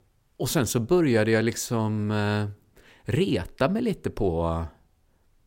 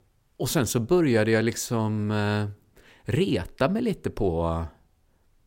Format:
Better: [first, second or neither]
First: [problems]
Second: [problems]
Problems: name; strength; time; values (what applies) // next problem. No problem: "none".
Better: neither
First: none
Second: none